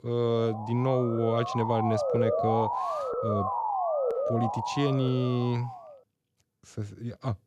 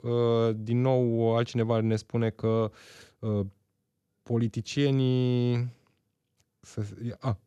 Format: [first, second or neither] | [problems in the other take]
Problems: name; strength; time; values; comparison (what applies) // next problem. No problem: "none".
second | siren; loud; until 6 s; peak 2 dB above the speech